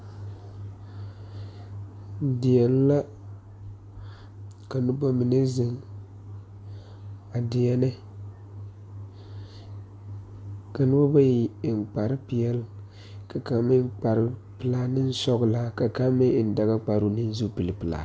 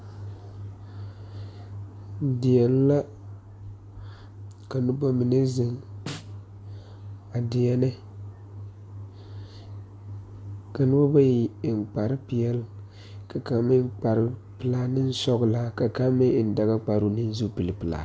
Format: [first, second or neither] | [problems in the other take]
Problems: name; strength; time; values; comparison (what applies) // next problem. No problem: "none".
first | background sound (Snare drum); 16 dB below the speech